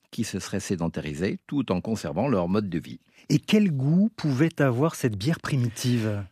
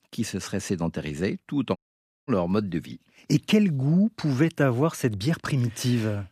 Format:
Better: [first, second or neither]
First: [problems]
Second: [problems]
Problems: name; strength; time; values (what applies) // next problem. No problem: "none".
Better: first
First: none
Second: audio cutting out; at 2 s for 0.5 s